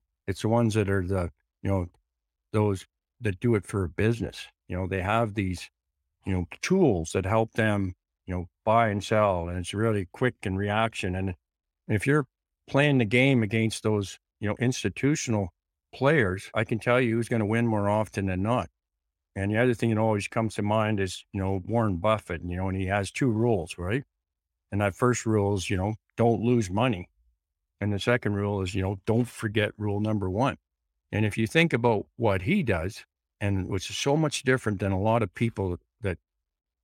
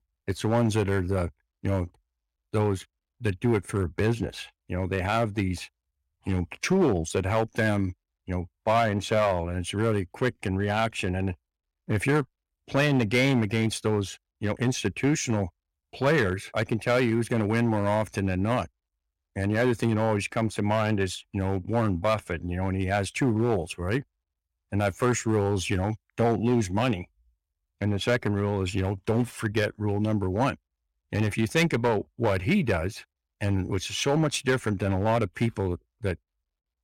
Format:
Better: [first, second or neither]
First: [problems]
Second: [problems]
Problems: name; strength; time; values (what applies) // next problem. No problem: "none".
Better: first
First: none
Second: distortion; slight; 4% of the sound clipped